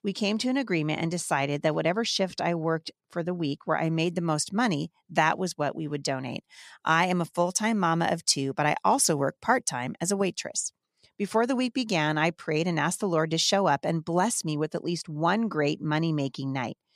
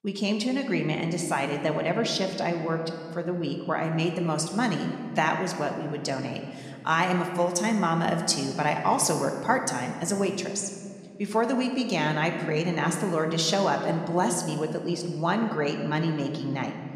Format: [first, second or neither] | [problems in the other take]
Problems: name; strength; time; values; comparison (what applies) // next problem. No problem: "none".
first | room echo; slight; dies away in 1.7 s